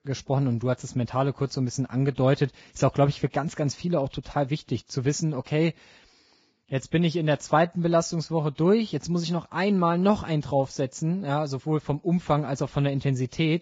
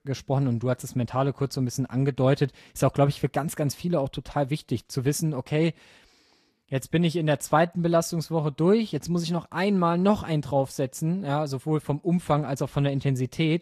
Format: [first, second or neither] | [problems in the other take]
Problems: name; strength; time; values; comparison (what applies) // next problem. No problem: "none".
second | garbled, watery; badly; nothing above 7.5 kHz; slightly in the second